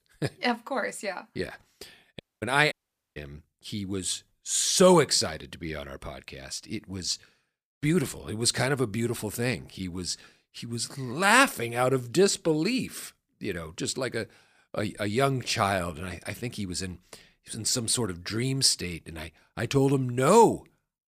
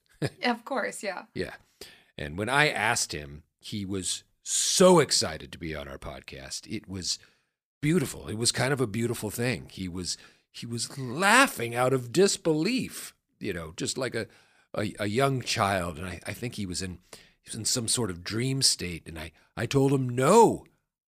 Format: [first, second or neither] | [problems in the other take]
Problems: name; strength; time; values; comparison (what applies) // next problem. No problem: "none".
second | audio cutting out; at 2 s and at 2.5 s